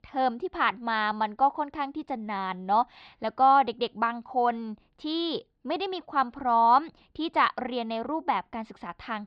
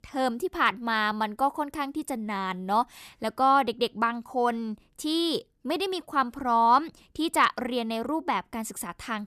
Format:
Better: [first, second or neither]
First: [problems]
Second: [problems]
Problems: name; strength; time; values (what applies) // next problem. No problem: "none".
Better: second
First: muffled; very slightly; fading above 4.5 kHz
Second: none